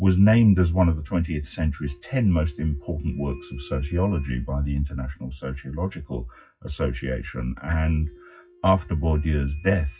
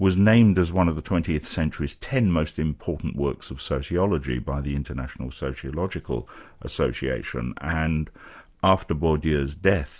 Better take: second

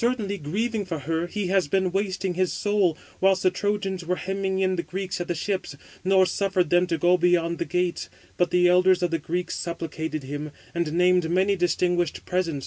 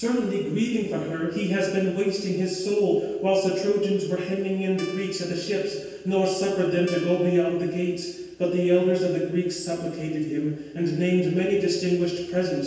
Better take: first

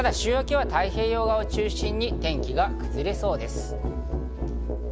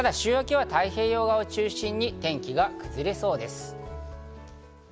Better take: second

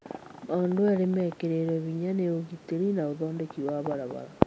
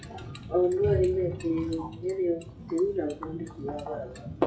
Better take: first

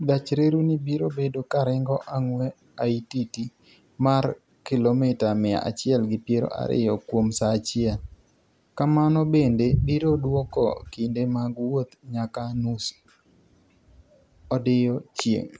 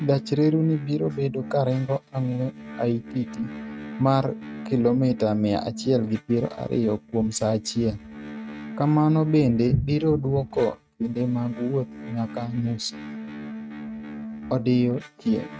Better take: first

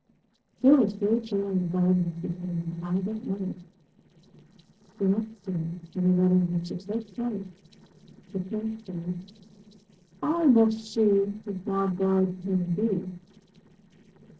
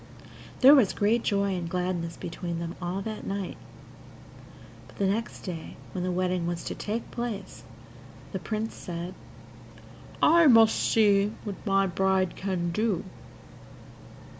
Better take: second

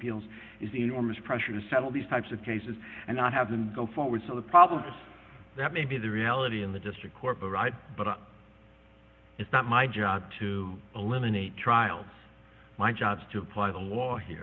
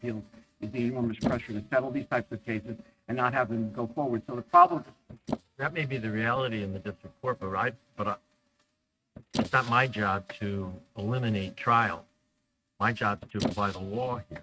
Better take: first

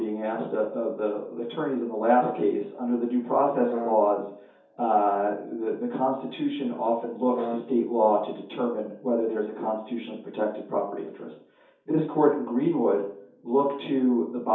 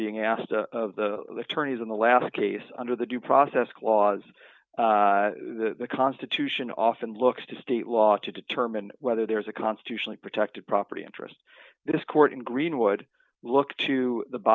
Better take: second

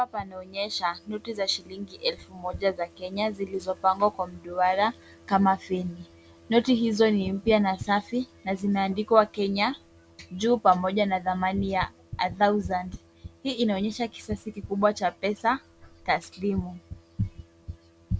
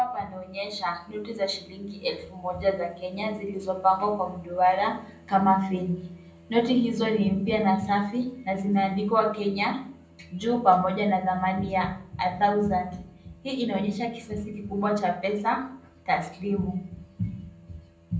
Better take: first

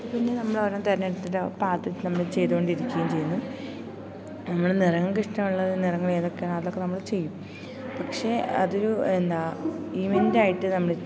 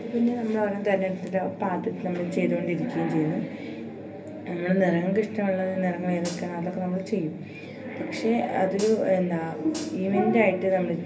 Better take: first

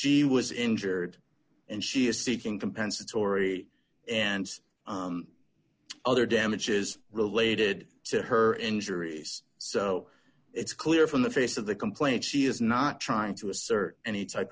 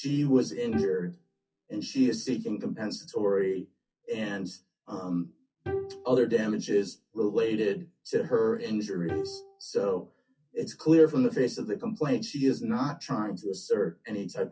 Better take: first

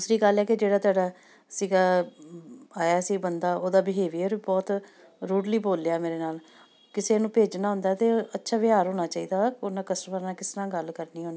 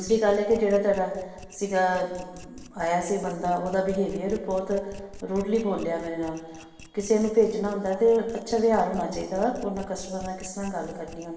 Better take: first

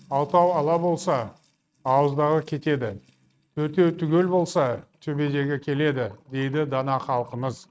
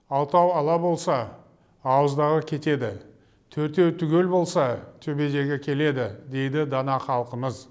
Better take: second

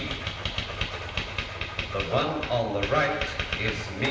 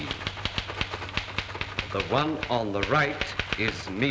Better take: second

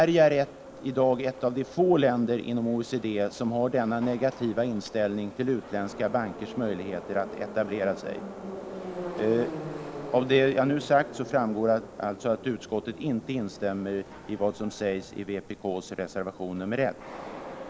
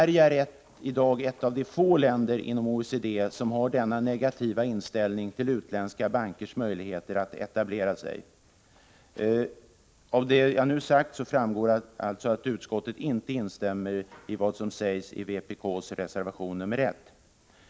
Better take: second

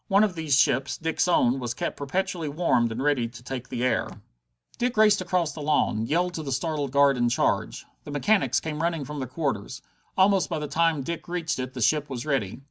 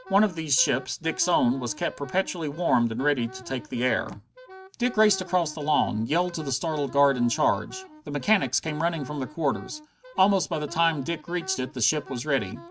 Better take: first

